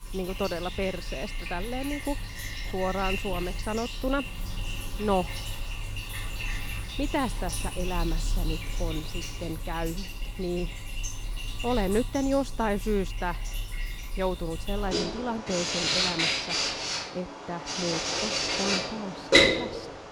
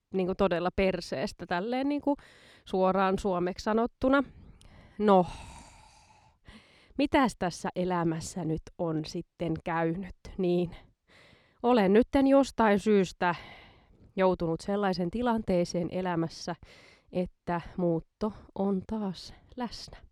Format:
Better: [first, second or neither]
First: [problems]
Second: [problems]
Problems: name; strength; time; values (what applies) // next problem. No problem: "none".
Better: second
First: household noises; very loud; throughout; 2 dB above the speech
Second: none